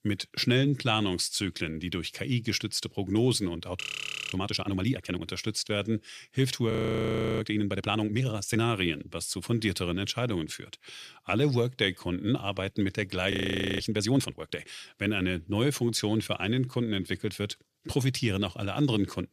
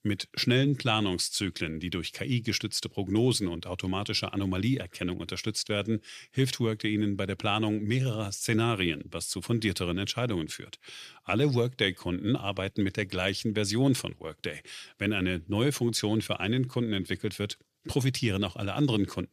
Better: second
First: audio freezing; at 4 s for 0.5 s, at 6.5 s for 0.5 s and at 13 s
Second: none

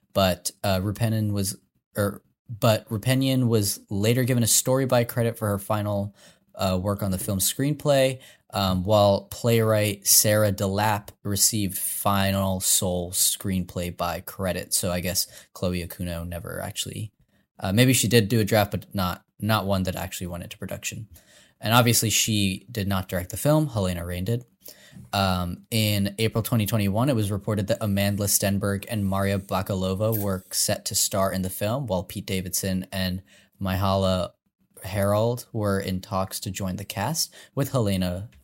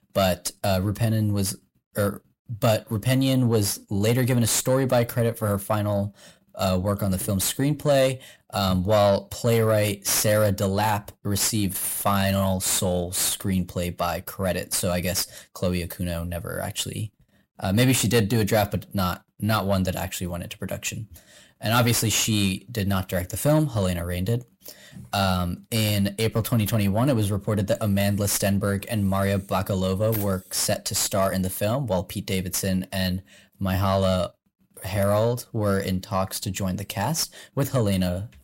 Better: first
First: none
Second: distortion; slight; 10 dB below the speech

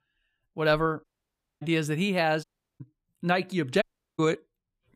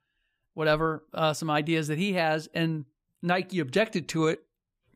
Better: second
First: audio cutting out; at 1 s for 0.5 s, at 2.5 s and at 4 s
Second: none

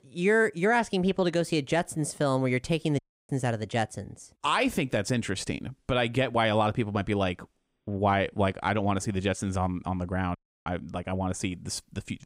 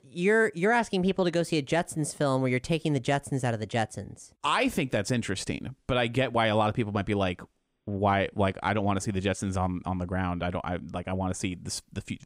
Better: second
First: audio cutting out; at 3 s and at 10 s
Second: none

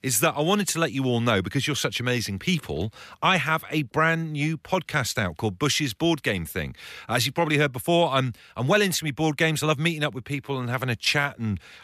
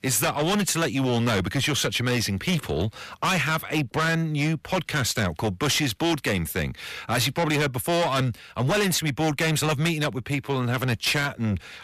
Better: first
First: none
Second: distortion; heavy; 7 dB below the speech

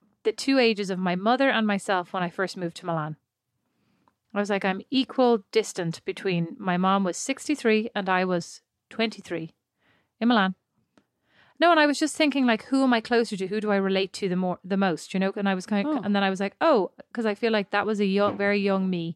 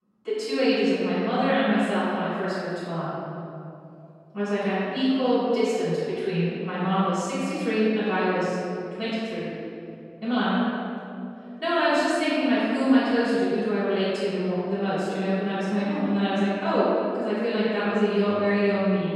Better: first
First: none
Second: off-mic speech; far // room echo; strong; dies away in 2.4 s

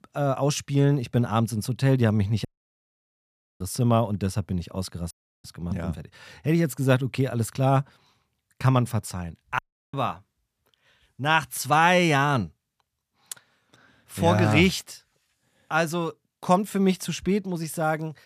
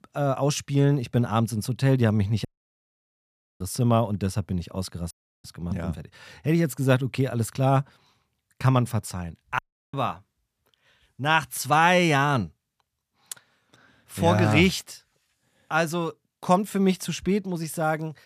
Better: neither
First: audio cutting out; at 2.5 s for 1 s, at 5 s and at 9.5 s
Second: audio cutting out; at 2.5 s for 1 s, at 5 s and at 9.5 s

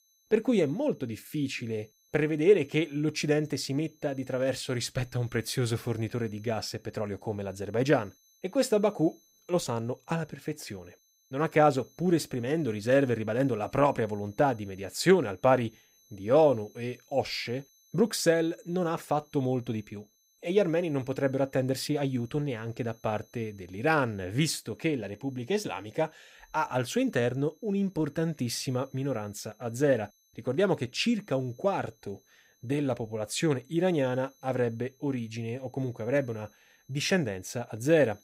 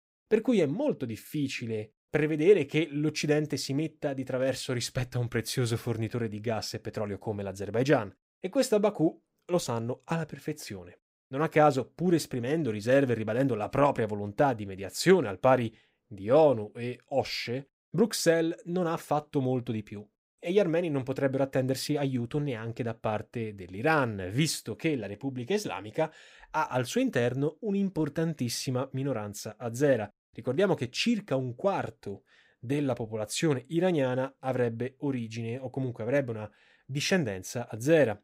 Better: second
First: high-pitched whine; faint; throughout; 6 kHz, 35 dB below the speech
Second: none

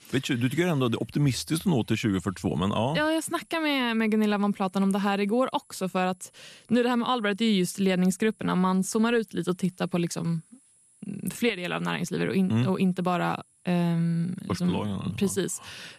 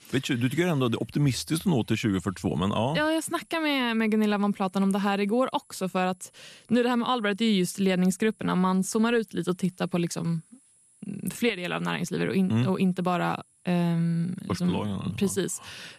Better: neither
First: high-pitched whine; faint; throughout; 10.5 kHz, 35 dB below the speech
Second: high-pitched whine; faint; throughout; 10.5 kHz, 35 dB below the speech

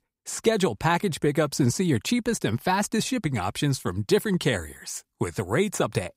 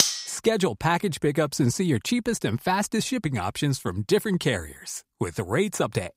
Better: first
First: none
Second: clattering dishes; loud; at the start; peak 4 dB above the speech

